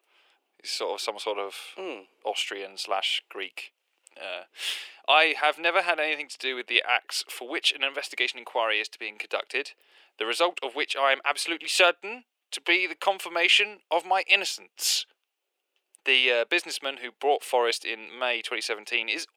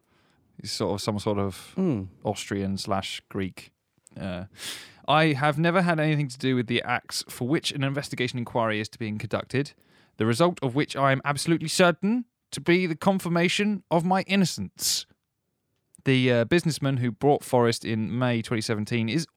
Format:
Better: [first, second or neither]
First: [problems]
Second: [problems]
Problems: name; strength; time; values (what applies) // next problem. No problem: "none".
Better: second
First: thin; very; fading below 400 Hz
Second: none